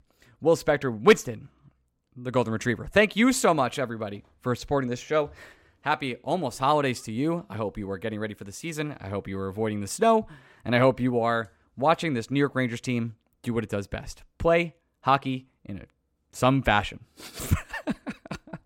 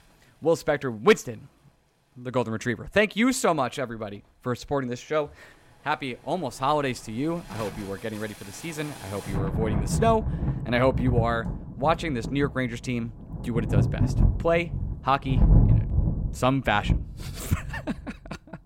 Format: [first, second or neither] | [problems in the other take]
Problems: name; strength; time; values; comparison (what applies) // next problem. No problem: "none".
first | rain or running water; loud; throughout; 1 dB below the speech